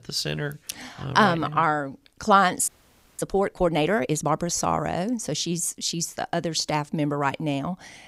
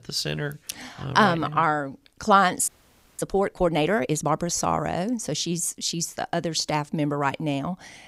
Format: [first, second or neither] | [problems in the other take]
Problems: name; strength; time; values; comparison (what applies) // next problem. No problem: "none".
neither | audio freezing; at 2.5 s for 0.5 s; the same in both